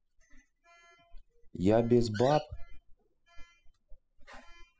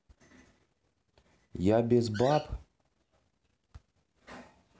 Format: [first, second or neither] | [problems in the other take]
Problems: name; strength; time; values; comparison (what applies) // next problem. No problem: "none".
second | noise reduction (classical method spectral subtraction)